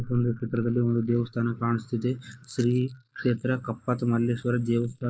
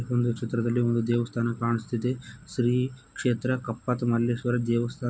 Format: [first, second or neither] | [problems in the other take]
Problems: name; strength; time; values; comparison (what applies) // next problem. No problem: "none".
second | noise reduction (neural mask model Resemble Enhance denoiser)